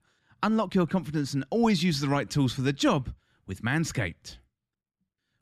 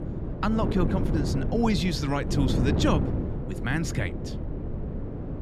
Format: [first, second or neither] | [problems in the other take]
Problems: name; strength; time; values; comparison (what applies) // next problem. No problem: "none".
first | wind noise on the microphone; heavy; 6 dB below the speech